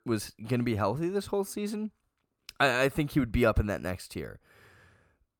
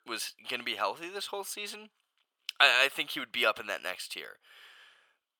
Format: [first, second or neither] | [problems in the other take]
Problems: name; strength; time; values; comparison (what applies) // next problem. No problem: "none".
first | thin; very; fading below 800 Hz